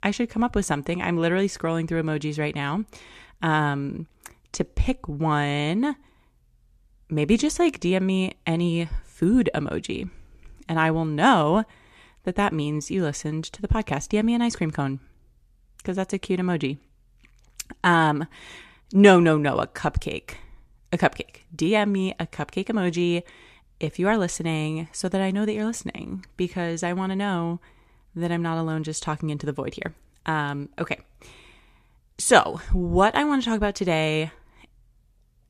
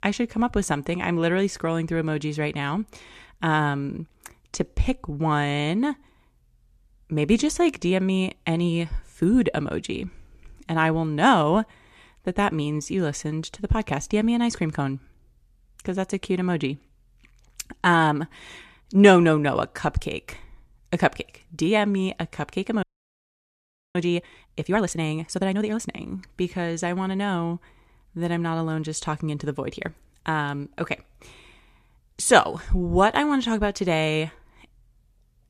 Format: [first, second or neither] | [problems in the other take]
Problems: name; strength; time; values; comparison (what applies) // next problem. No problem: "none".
first | audio freezing; at 23 s for 1 s